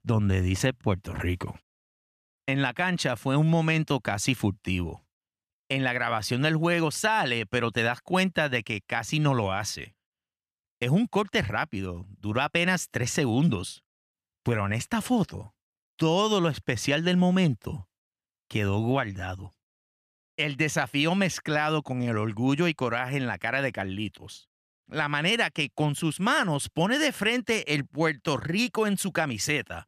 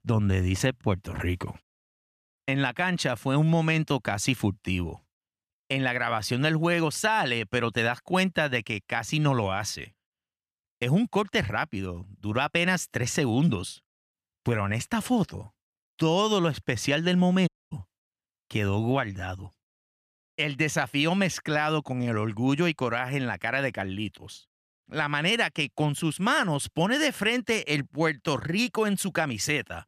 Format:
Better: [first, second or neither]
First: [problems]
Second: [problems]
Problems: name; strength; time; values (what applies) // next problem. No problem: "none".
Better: first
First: none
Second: audio cutting out; at 17 s